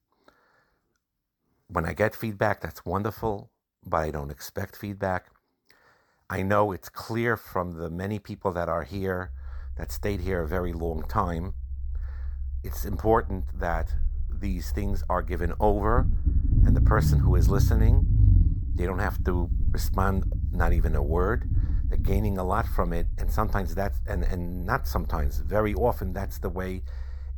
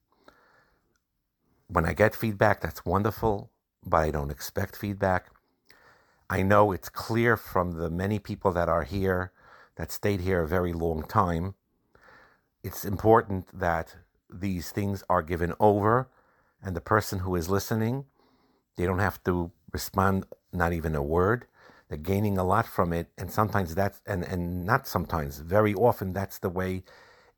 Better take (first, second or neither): second